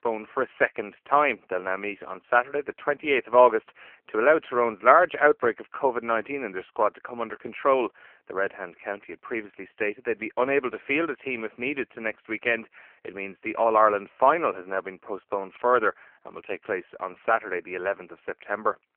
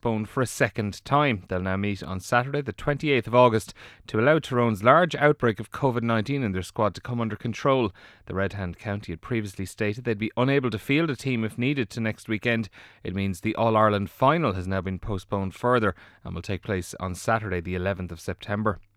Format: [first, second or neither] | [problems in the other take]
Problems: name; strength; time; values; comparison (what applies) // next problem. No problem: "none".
second | phone-call audio; poor line